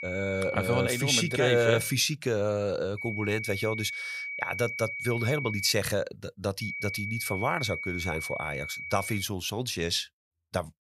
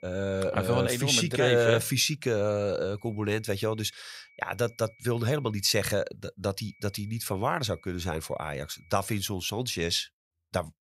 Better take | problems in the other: second | high-pitched whine; loud; until 2 s, from 3 to 5.5 s and from 6.5 to 9 s; 2.5 kHz, 6 dB below the speech; faint in the second

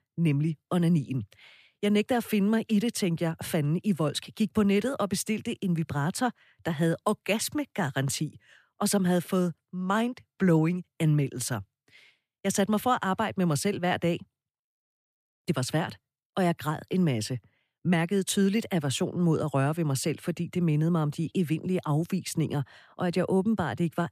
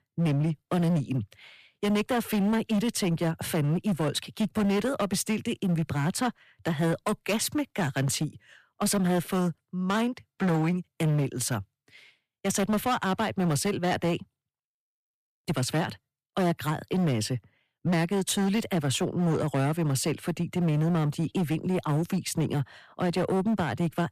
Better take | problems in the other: first | distortion; slight; 15% of the sound clipped

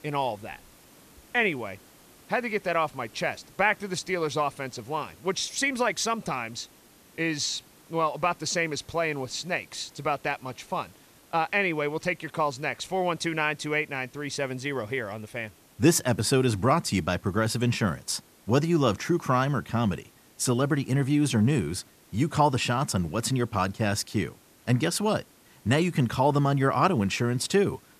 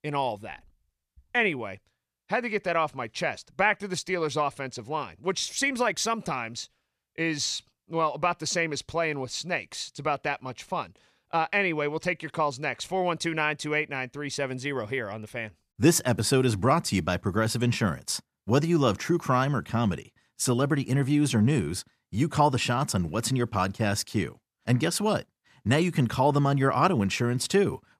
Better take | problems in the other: second | hiss; faint; throughout; 25 dB below the speech

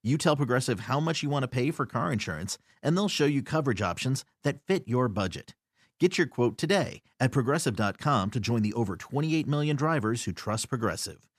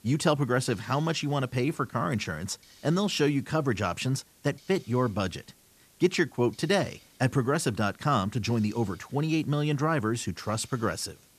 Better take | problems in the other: first | hiss; faint; throughout; 25 dB below the speech

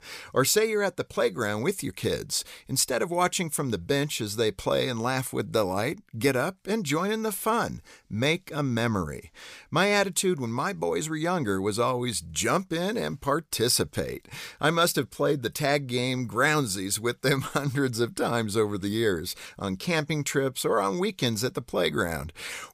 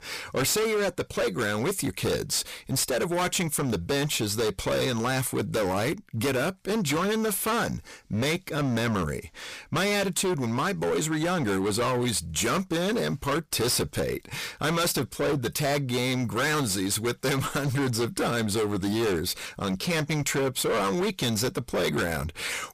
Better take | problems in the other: first | distortion; heavy; 25% of the sound clipped

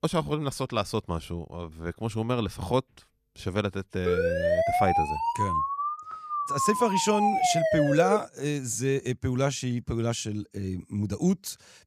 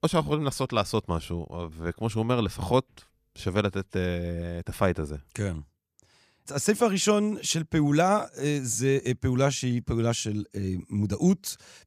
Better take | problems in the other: second | siren; loud; from 4 to 8 s; peak 5 dB above the speech

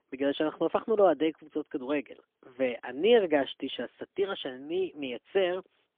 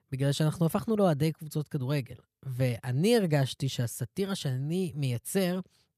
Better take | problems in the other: second | phone-call audio; poor line; nothing above 3.5 kHz

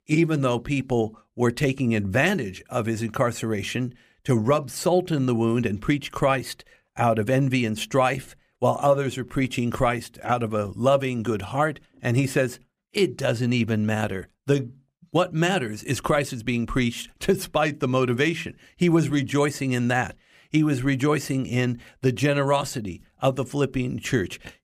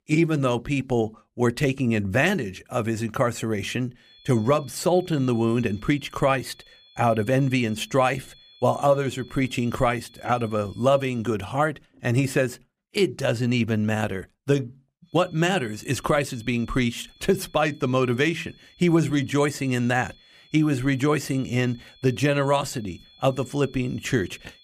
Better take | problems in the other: first | high-pitched whine; faint; from 4 to 11 s and from 15 s on; 3.5 kHz, 25 dB below the speech

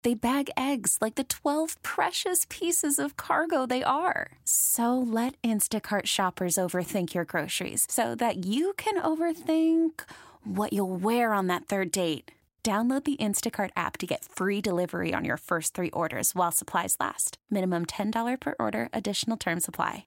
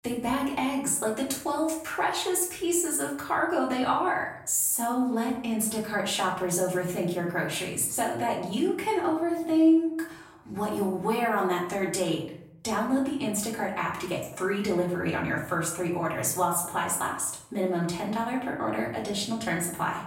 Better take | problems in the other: first | off-mic speech; far // room echo; noticeable; dies away in 0.6 s

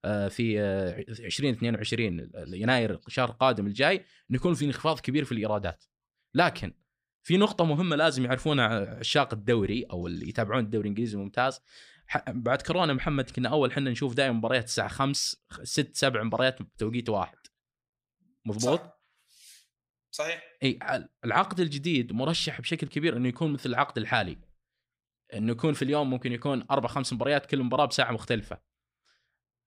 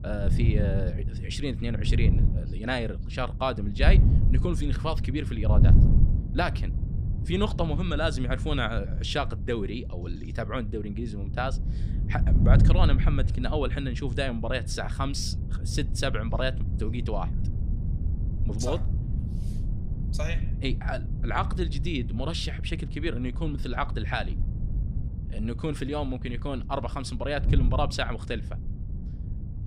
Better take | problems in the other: first | wind noise on the microphone; occasional gusts; 10 dB below the speech

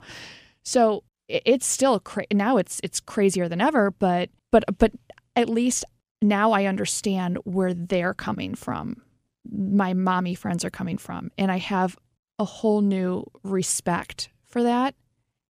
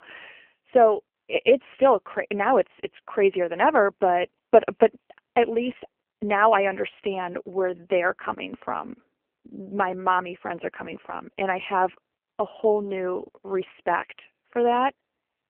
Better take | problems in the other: first | phone-call audio; poor line; nothing above 3 kHz

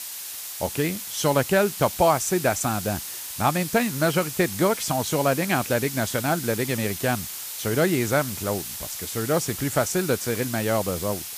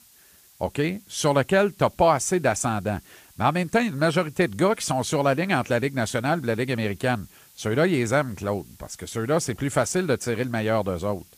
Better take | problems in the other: second | hiss; loud; throughout; 7 dB below the speech; faint in the second

